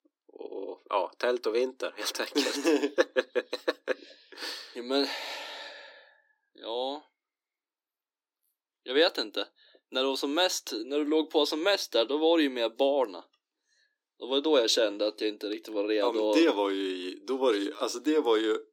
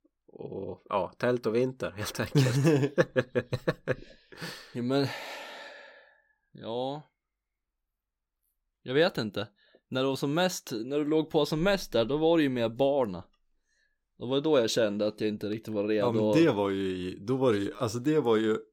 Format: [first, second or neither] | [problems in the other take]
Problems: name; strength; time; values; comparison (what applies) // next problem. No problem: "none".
second | thin; very slightly; fading below 300 Hz